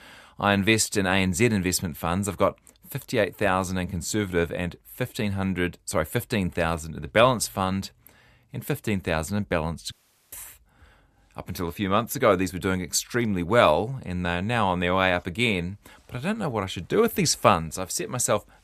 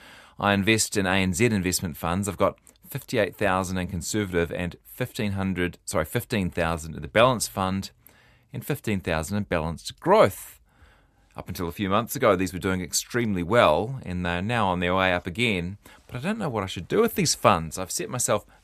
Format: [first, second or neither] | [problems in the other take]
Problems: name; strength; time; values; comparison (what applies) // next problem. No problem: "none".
second | audio cutting out; at 10 s